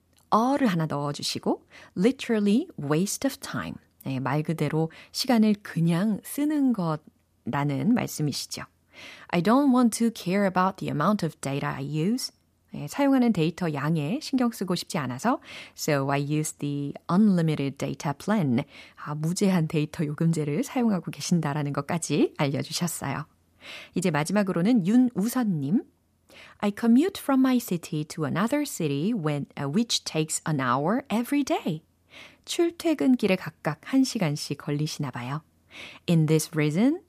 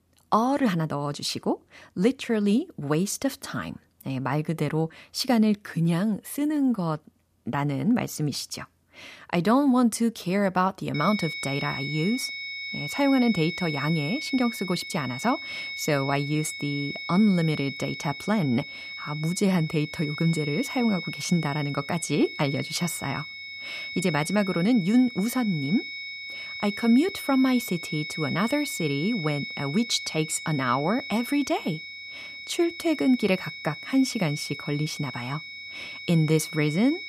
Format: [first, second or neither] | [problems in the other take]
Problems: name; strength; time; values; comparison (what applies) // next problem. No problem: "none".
first | high-pitched whine; loud; from 11 s on; 2 kHz, 8 dB below the speech